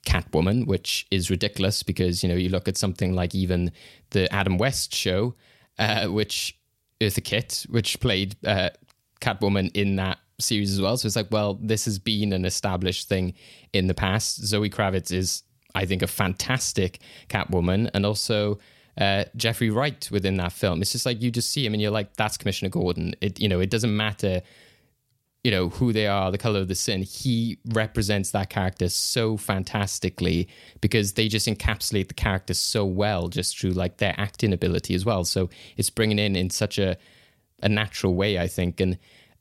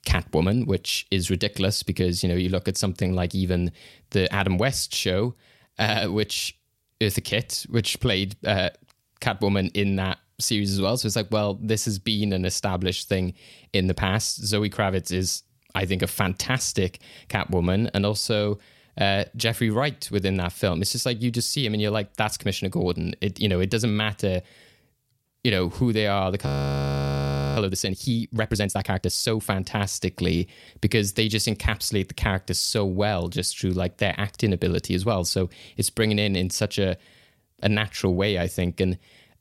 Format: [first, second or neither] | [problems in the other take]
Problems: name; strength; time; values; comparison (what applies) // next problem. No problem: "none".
first | audio freezing; at 26 s for 1 s